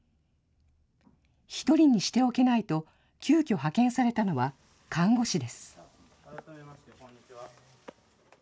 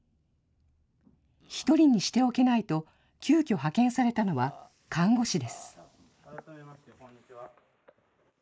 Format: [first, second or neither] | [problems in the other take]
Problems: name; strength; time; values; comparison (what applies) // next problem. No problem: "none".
first | noise reduction (neural mask model Resemble Enhance denoiser)